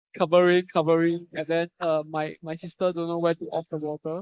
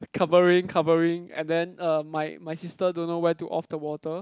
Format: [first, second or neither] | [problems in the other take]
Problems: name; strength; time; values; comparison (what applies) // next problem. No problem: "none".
second | noise reduction (neural mask model Resemble Enhance denoiser)